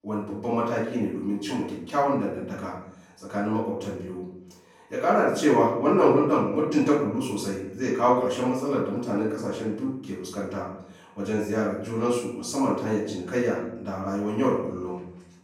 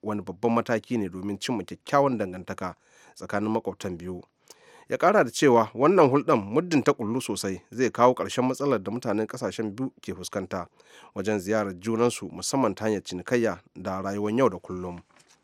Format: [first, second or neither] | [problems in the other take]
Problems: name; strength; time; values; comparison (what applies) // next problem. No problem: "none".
second | off-mic speech; far // room echo; noticeable; dies away in 0.7 s